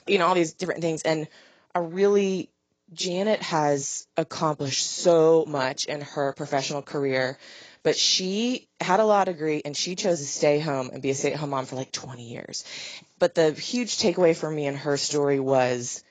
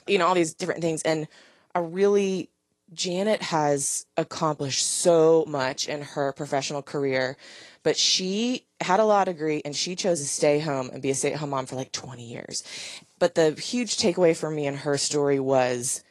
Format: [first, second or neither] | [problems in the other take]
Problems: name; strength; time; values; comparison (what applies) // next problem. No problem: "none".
second | garbled, watery; badly; nothing above 7.5 kHz; slightly in the second